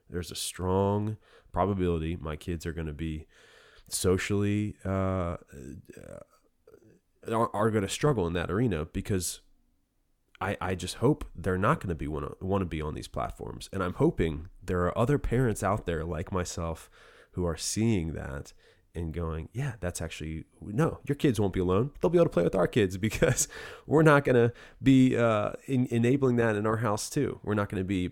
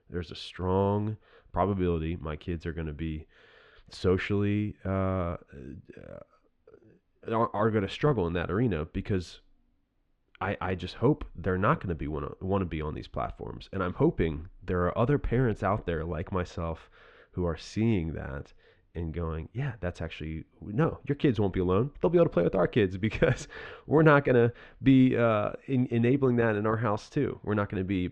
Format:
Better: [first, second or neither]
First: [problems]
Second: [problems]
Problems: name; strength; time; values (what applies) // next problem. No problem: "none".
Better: first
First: none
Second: muffled; slightly; fading above 3.5 kHz